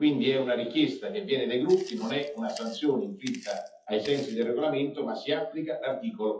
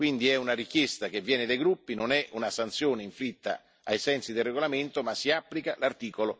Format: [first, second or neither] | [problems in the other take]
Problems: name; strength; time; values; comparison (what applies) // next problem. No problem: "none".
second | noise reduction (classical method WPE with log-MMSE)